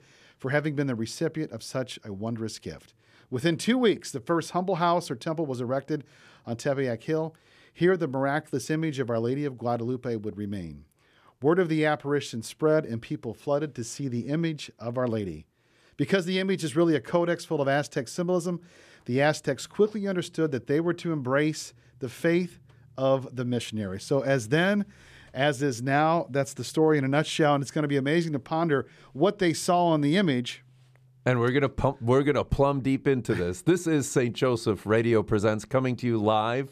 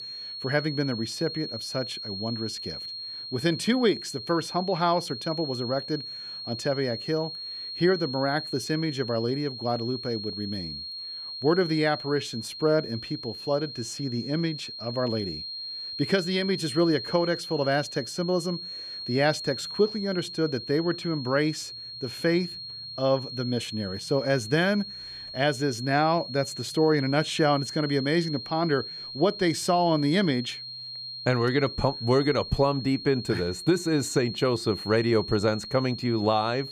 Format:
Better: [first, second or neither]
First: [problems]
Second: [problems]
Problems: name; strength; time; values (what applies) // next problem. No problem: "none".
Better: first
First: none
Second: high-pitched whine; loud; throughout; 4 kHz, 8 dB below the speech